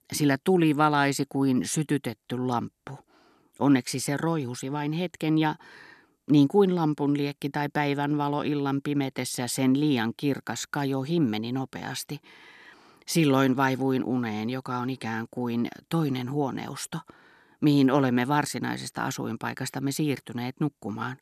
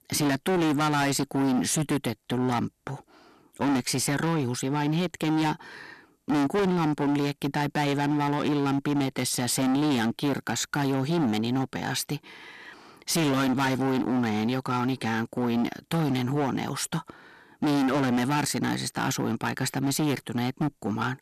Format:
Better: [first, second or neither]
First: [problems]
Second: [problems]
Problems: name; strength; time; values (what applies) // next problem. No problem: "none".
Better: first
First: none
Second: distortion; heavy; 22% of the sound clipped